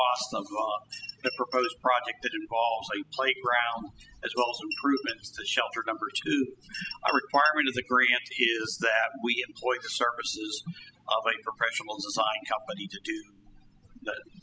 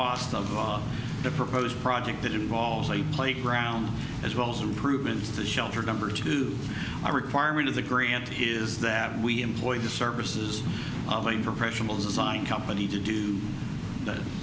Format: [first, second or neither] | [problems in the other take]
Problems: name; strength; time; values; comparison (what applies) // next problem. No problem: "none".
second | noise reduction (classical method spectral subtraction)